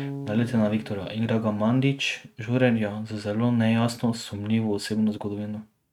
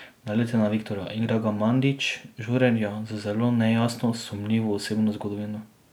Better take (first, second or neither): second